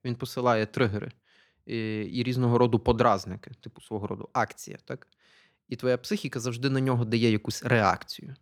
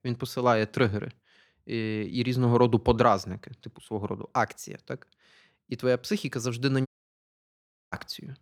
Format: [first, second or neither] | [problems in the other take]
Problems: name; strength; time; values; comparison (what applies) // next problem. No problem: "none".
first | audio cutting out; at 7 s for 1 s